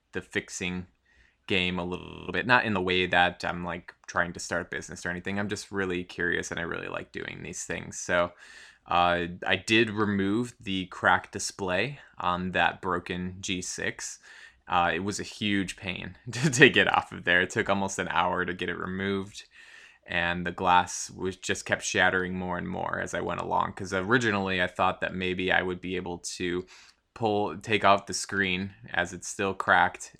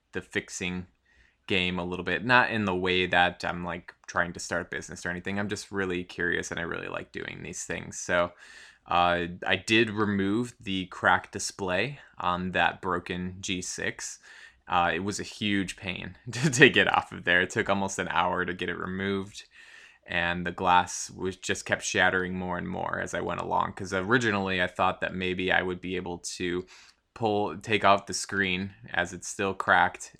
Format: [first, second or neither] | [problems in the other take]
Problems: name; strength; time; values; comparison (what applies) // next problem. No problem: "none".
second | audio freezing; at 2 s